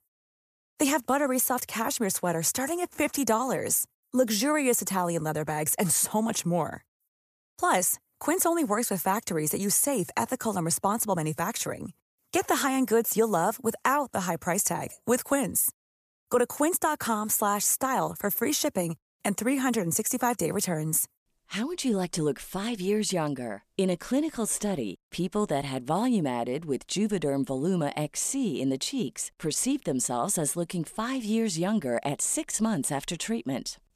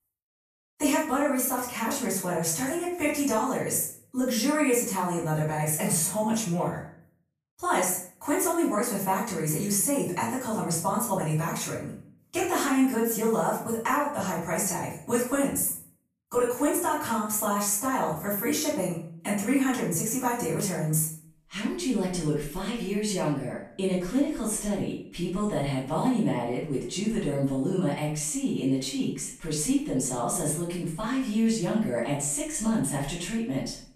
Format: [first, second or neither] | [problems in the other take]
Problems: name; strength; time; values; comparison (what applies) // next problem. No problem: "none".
first | off-mic speech; far // room echo; noticeable; dies away in 0.5 s